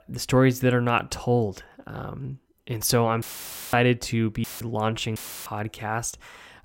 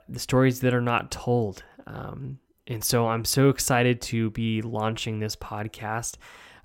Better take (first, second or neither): second